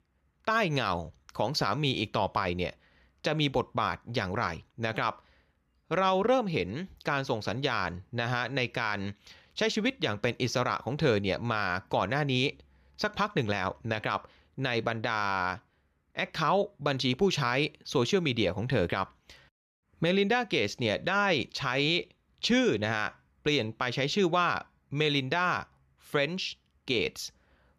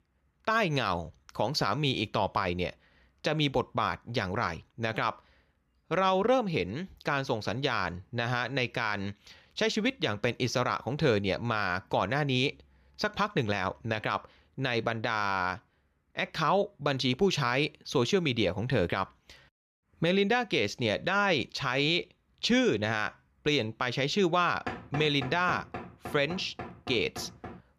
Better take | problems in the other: first | door banging; noticeable; from 25 s on; peak 8 dB below the speech

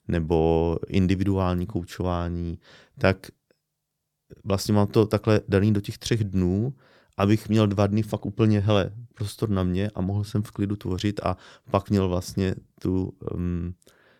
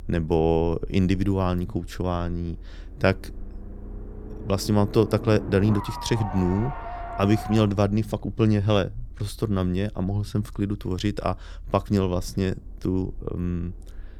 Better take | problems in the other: first | low rumble; loud; throughout; 8 dB below the speech

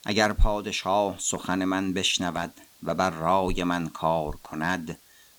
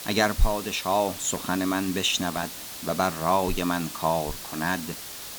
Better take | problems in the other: first | hiss; loud; throughout; 9 dB below the speech; faint in the first

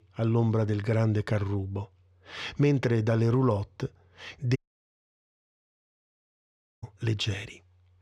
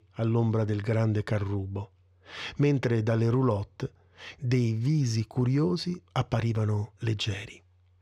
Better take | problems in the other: second | audio cutting out; at 4.5 s for 2.5 s

